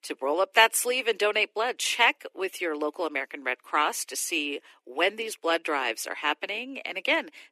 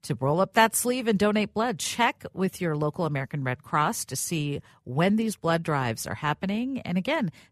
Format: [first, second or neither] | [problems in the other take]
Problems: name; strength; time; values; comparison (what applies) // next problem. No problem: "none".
second | thin; very; fading below 300 Hz